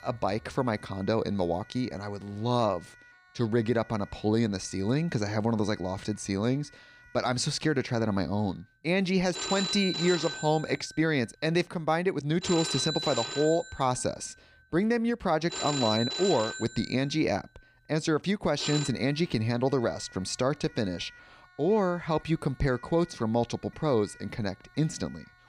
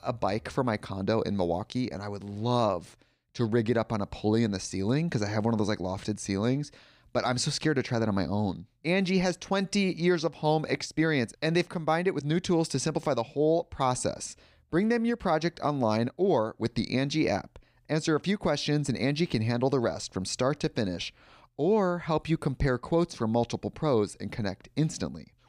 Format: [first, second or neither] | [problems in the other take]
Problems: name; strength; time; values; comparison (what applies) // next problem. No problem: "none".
second | alarms or sirens; loud; throughout; 4 dB below the speech